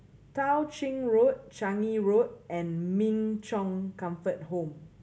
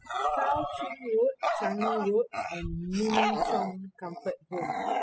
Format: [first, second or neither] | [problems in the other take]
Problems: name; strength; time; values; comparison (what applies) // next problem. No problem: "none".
first | noise reduction (classical method spectral subtraction)